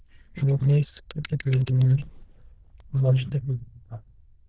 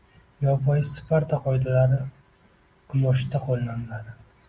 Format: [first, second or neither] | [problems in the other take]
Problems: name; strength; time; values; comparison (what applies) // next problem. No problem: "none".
second | noise reduction (neural diffusion model UNIVERSE++)